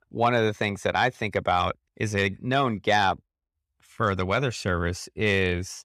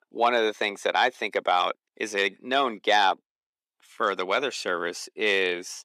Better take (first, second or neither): first